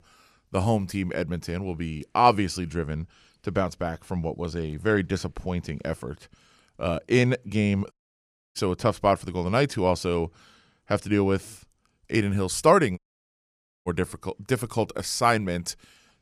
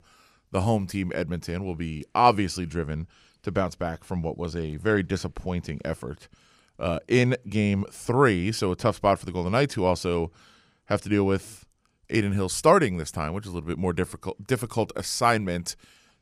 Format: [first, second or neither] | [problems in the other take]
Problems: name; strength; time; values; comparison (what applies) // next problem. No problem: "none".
second | audio cutting out; at 8 s for 0.5 s and at 13 s for 1 s